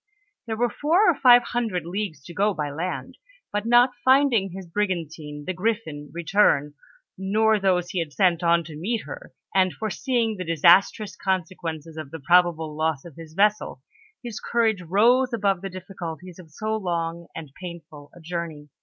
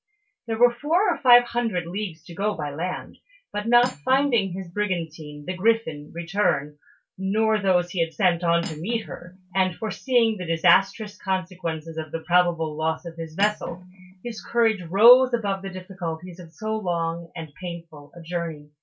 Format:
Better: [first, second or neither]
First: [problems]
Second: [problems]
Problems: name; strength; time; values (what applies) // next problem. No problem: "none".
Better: first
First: none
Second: background sound (Cutlery, silverware); 18 dB below the speech // room echo; dies away in 0.2 s